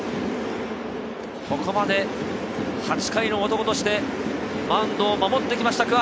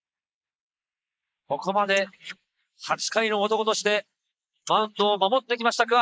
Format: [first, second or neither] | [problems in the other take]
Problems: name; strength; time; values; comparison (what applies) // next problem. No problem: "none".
first | noise reduction (neural mask model Resemble Enhance denoiser)